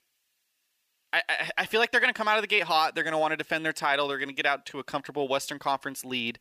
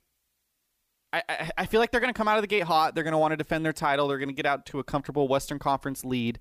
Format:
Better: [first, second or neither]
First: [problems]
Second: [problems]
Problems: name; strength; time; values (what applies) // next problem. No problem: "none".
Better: second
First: thin; very slightly; fading below 900 Hz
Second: none